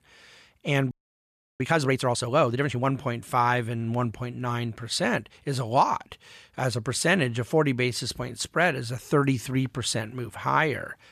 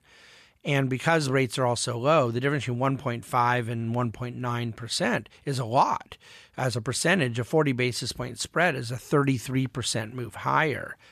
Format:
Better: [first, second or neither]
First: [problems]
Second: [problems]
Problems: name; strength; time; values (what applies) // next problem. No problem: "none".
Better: second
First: audio freezing; at 1 s for 0.5 s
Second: none